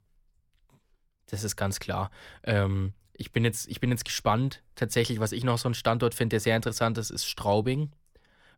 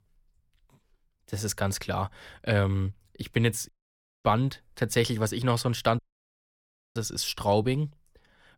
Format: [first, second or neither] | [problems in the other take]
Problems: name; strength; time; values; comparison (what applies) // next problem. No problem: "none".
first | audio cutting out; at 3.5 s for 0.5 s and at 6 s for 1 s